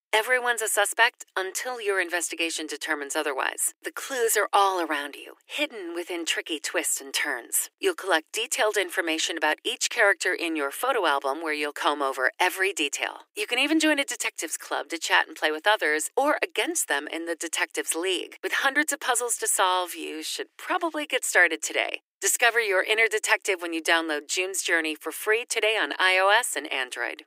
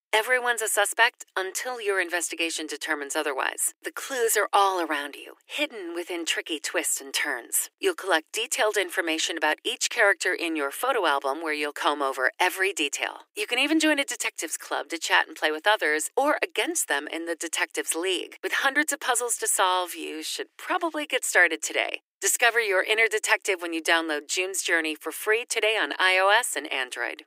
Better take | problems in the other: neither | thin; very; fading below 300 Hz; the same in both

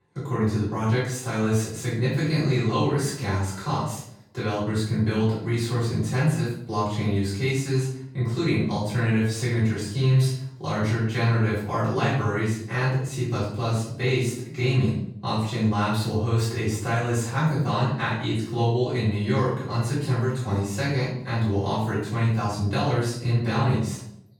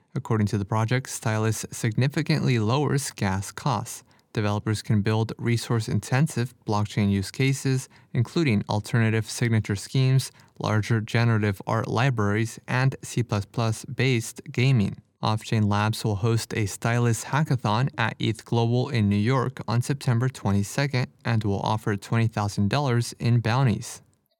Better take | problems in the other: second | off-mic speech; far // room echo; noticeable; dies away in 0.6 s

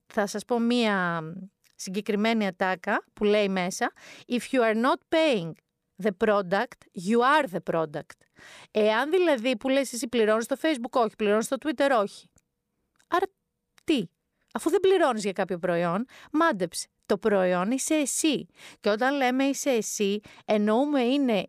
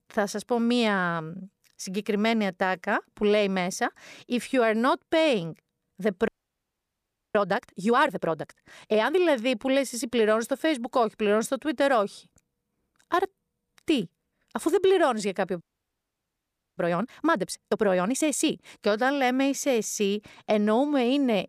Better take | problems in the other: first | audio freezing; at 6.5 s for 1 s and at 16 s for 1 s

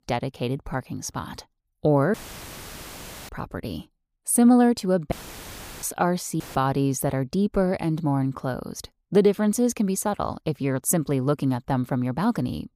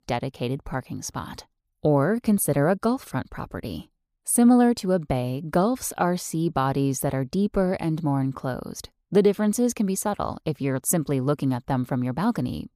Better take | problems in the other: second | audio cutting out; filled with static; at 2 s for 1 s, at 5 s for 0.5 s and at 6.5 s

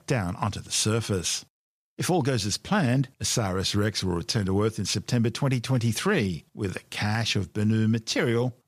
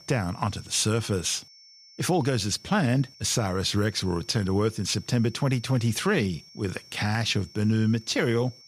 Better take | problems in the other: first | high-pitched whine; faint; throughout; 5.5 kHz, 20 dB below the speech

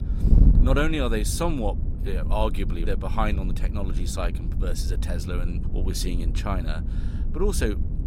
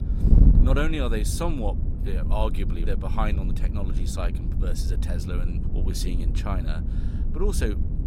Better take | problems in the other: first | wind noise on the microphone; heavy; 6 dB below the speech; occasional gusts in the first

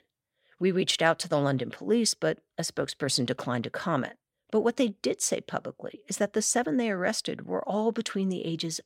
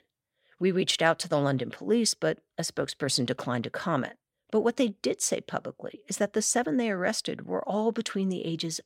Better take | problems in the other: neither | none

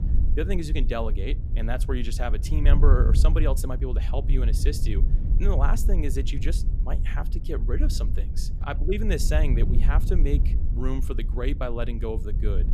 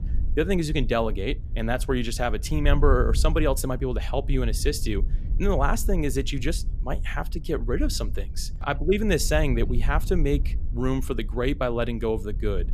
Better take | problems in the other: second | wind noise on the microphone; heavy; 10 dB below the speech; occasional gusts in the second

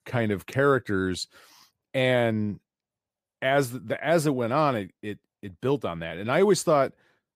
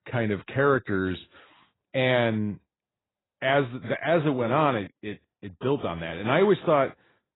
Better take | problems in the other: first | garbled, watery; badly; nothing above 4 kHz

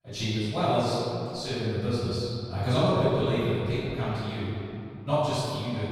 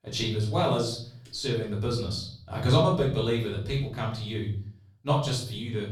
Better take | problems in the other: second | room echo; strong; dies away in 2.5 s; slight in the second // off-mic speech; far; far in the second

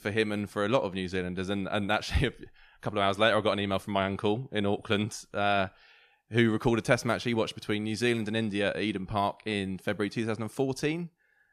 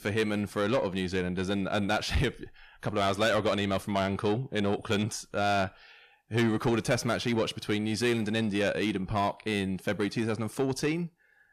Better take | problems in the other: first | distortion; slight; 10 dB below the speech

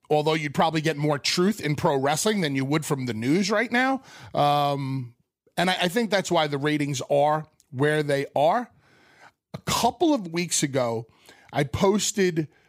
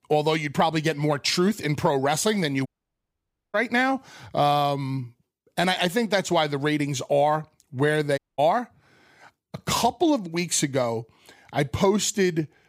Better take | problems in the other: first | audio cutting out; at 2.5 s for 1 s and at 8 s

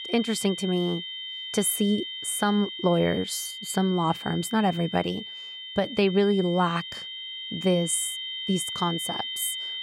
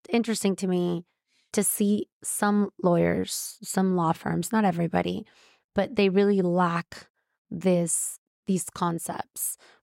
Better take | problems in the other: second | high-pitched whine; loud; throughout; 3 kHz, 7 dB below the speech

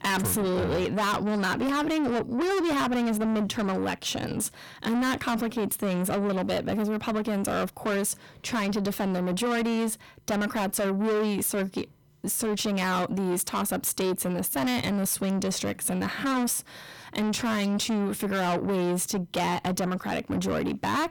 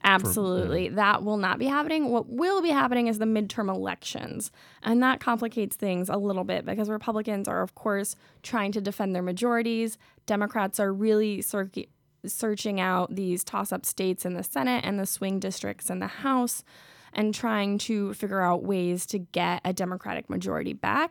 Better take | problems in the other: second | distortion; heavy; 6 dB below the speech

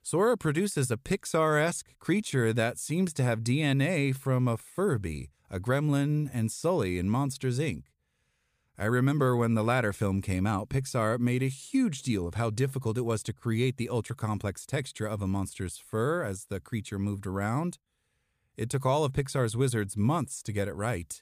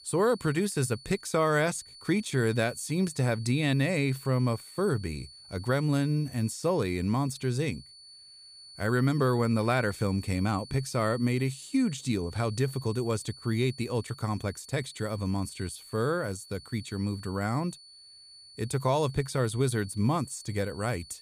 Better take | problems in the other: first | high-pitched whine; noticeable; throughout; 4.5 kHz, 20 dB below the speech

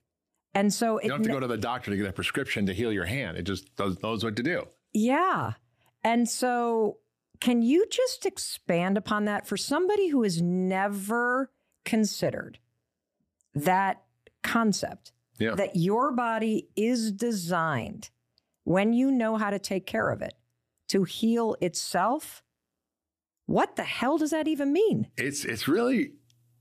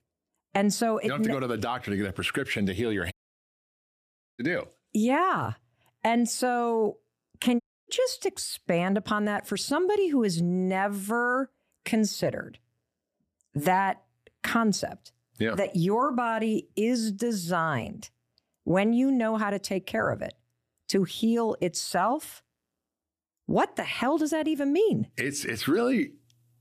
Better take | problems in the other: first | audio cutting out; at 3 s for 1.5 s and at 7.5 s

